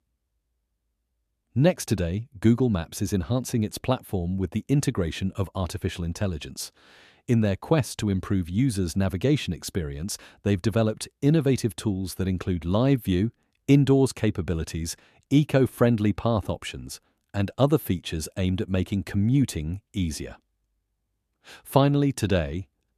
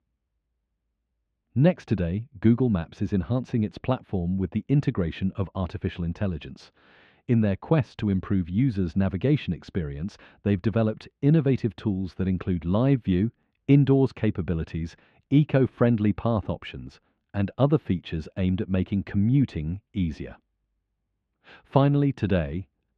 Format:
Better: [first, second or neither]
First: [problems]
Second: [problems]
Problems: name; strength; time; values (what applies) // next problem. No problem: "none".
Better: first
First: none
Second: muffled; slightly; fading above 3 kHz